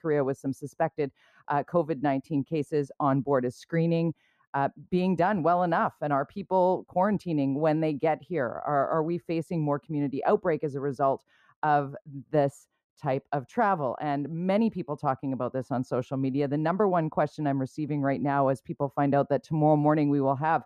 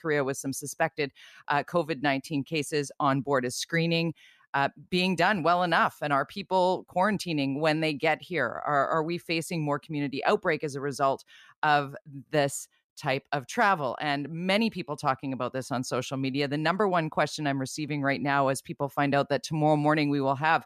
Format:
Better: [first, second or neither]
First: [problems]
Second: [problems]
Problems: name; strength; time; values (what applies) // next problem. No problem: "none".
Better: second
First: muffled; very; fading above 1.5 kHz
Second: none